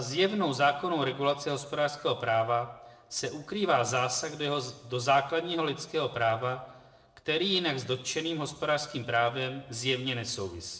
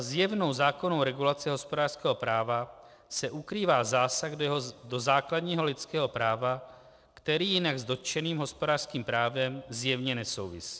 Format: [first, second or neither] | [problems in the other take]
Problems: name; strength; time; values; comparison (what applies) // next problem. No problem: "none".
second | room echo; dies away in 0.6 s